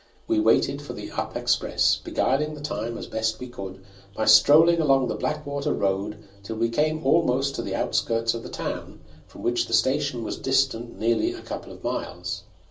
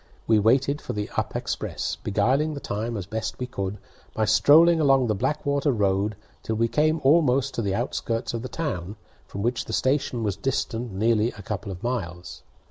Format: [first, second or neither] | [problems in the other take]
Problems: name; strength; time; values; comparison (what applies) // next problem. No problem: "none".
second | room echo; dies away in 0.3 s